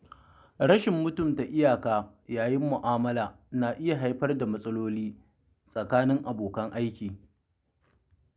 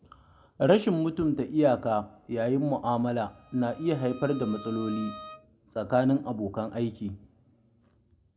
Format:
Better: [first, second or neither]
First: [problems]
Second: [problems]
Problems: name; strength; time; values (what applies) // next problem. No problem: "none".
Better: first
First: none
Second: background sound (Bowed string instrument); 19 dB below the speech // room echo; dies away in 0.8 s